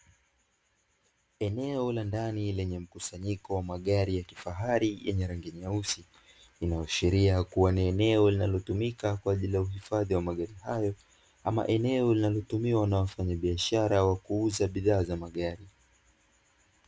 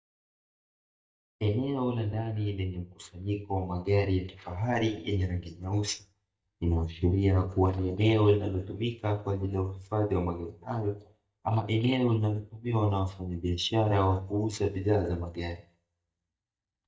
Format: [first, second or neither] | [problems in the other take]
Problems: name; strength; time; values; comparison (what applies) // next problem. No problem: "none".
first | noise reduction (neural mask model DeepFilterNet 3)